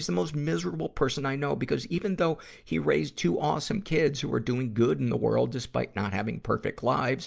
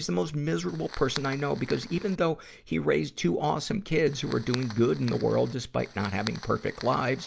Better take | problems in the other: first | background sound (Fire); 16 dB below the speech

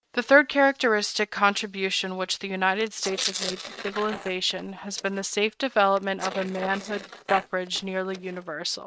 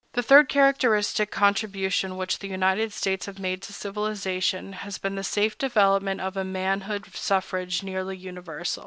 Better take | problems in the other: second | noise reduction (neural mask model RNNoise)

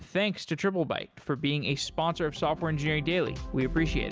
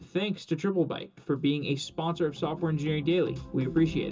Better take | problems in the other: first | room echo; dies away in 0.2 s

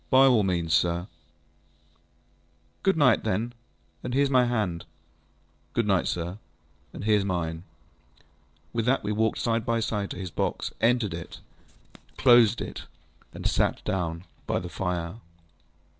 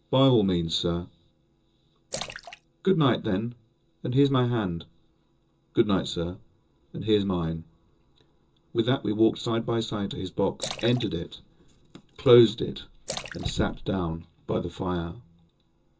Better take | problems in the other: first | background sound (Splash, splatter); 15 dB below the speech // room echo; dies away in 0.2 s

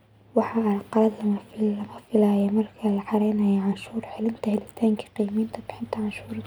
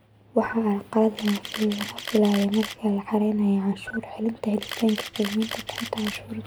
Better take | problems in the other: first | background sound (Camera); 12 dB below the speech

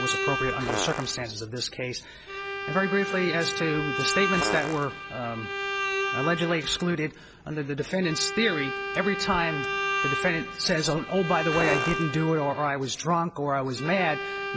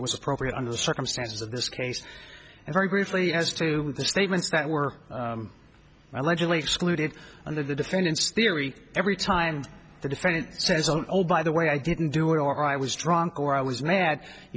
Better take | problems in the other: second | background sound (Bowed string instrument + Fart); 4 dB below the speech

